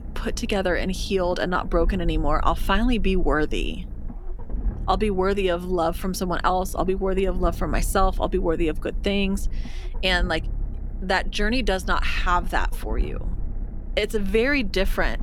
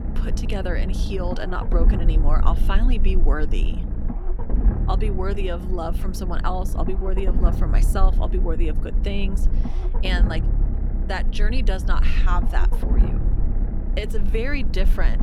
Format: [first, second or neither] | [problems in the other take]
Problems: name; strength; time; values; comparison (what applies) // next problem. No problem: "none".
first | low rumble; loud; throughout; 8 dB below the speech; faint in the first